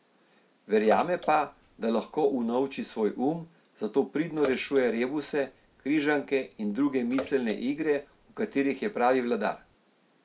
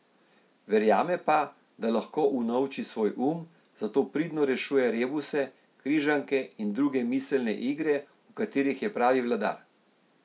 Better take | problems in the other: second | background sound (Bathtub (filling or washing) / Water / Splash, splatter); 17 dB below the speech

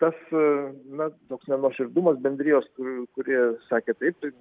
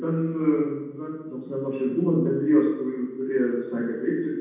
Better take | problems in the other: first | room echo; dies away in 1.1 s

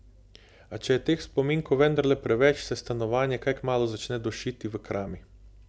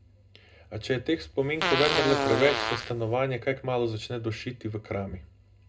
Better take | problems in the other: first | background sound (Fart); 1 dB above the speech // room echo; dies away in 0.2 s

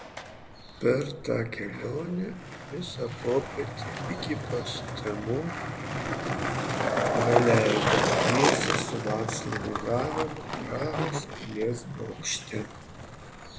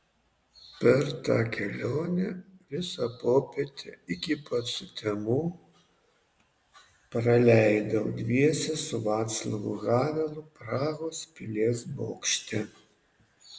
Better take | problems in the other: second | background sound (Skateboard); as loud as the speech

